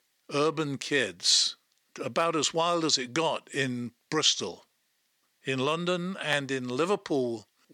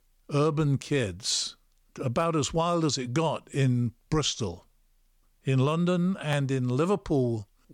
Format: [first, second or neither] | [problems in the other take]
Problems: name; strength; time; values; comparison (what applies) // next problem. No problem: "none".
second | thin; somewhat; fading below 300 Hz